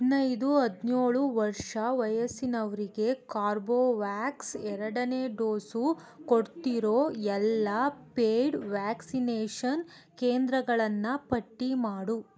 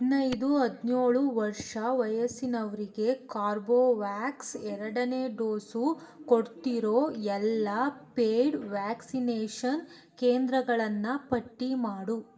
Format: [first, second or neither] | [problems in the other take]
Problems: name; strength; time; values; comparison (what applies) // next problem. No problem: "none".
first | background sound (Clapping); 15 dB below the speech // room echo; dies away in 0.6 s